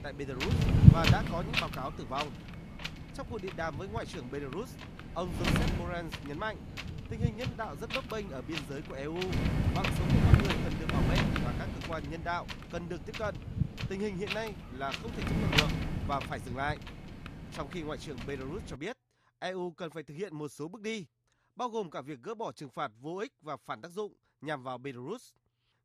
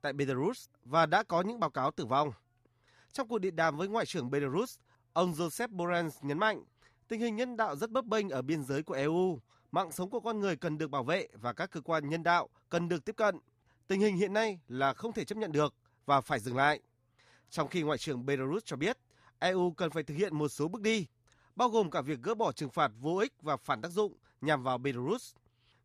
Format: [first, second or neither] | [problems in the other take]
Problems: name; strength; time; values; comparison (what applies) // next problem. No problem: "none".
second | wind noise on the microphone; heavy; until 19 s; 3 dB above the speech